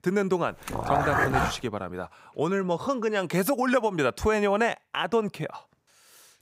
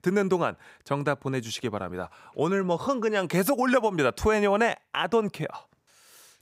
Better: second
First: dog barking; loud; at 0.5 s; peak 3 dB above the speech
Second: none

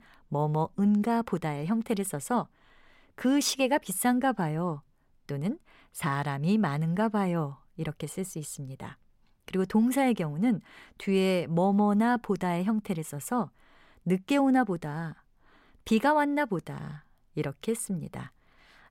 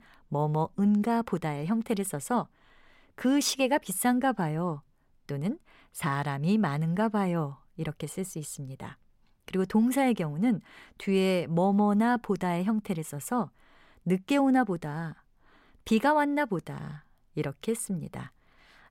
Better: neither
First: none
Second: none

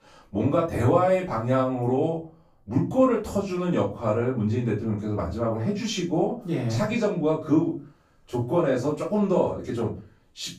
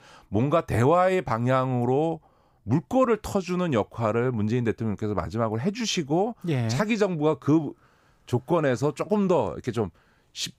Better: second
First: off-mic speech; far // room echo; slight; dies away in 0.3 s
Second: none

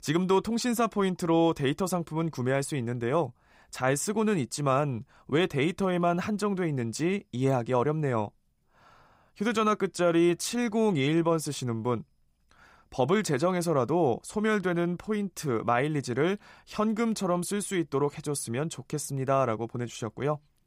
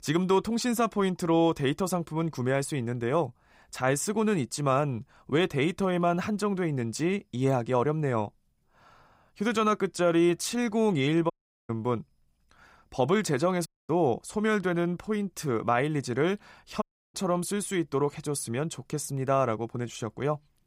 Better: first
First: none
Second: audio cutting out; at 11 s, at 14 s and at 17 s

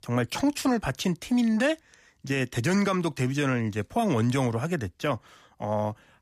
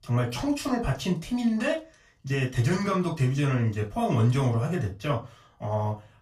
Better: first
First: none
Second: off-mic speech; far // room echo; very slight; dies away in 0.2 s

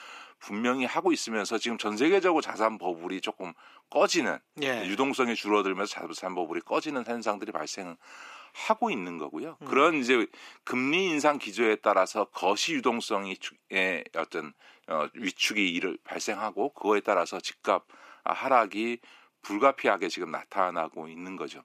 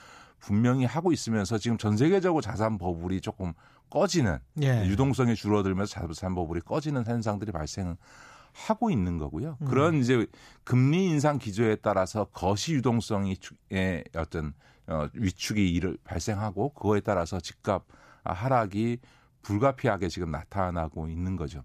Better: second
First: thin; somewhat; fading below 300 Hz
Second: none

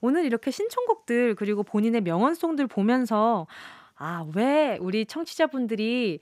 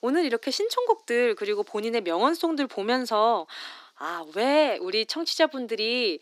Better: first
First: none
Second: thin; somewhat; fading below 300 Hz

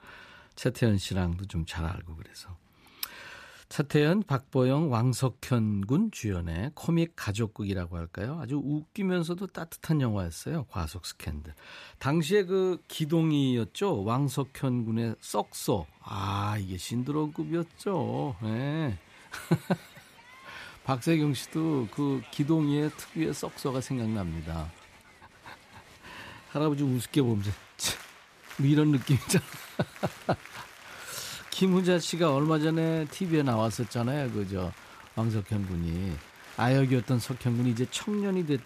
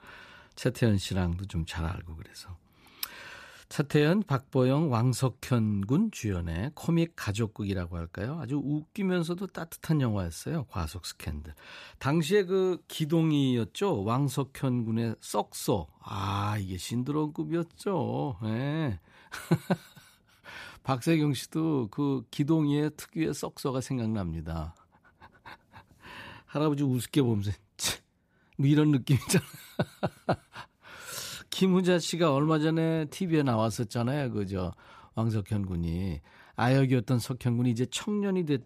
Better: second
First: crowd noise; faint; throughout; 20 dB below the speech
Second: none

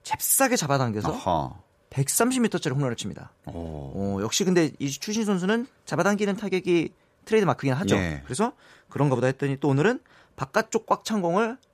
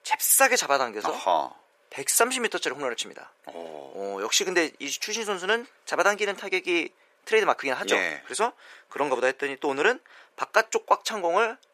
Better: first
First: none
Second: thin; very; fading below 400 Hz

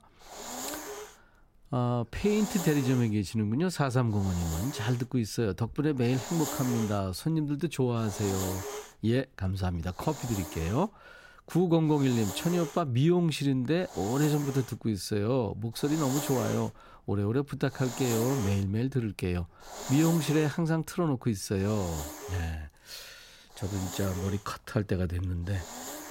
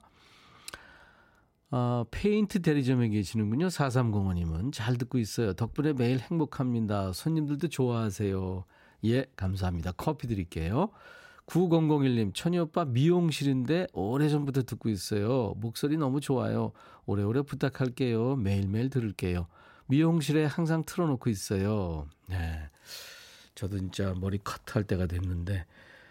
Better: second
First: hiss; loud; throughout; 10 dB below the speech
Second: none

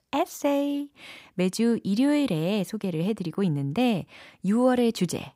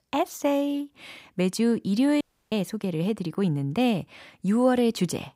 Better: first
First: none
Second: audio cutting out; at 2 s

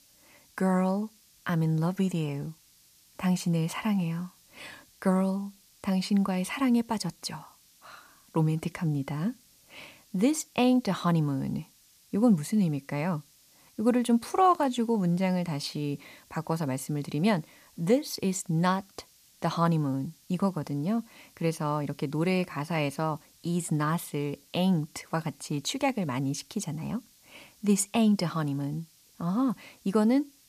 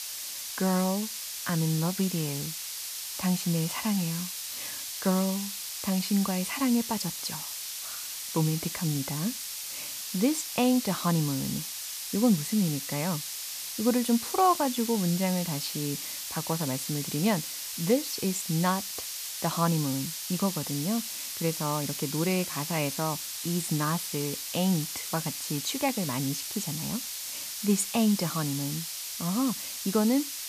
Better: first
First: hiss; faint; throughout; 30 dB below the speech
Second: hiss; loud; throughout; 4 dB below the speech

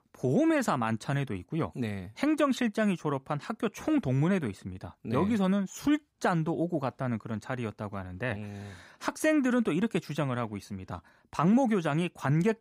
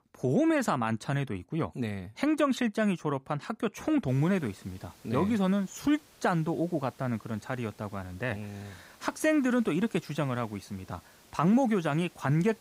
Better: first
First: none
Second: hiss; faint; from 4 s on; 25 dB below the speech

